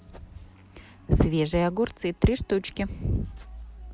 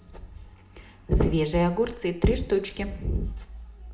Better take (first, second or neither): first